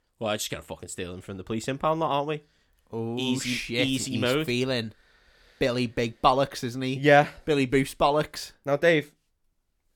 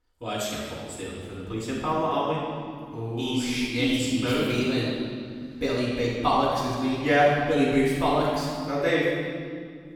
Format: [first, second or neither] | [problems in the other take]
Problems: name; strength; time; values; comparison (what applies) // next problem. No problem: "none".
first | room echo; strong; dies away in 2 s // off-mic speech; far